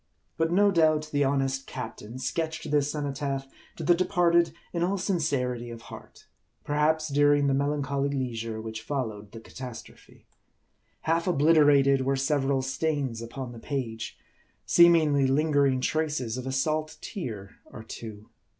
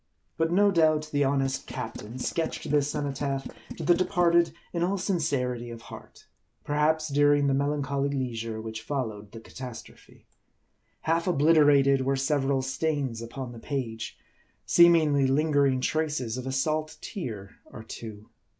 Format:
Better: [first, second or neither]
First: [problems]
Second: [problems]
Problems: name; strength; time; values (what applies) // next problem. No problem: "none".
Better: first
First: none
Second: noise reduction (neural mask model Resemble Enhance denoiser)